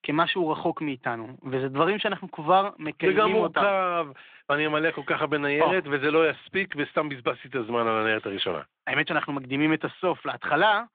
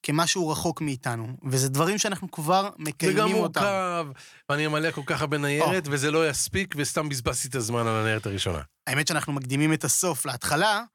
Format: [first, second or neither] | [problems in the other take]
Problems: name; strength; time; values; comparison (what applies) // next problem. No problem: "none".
second | phone-call audio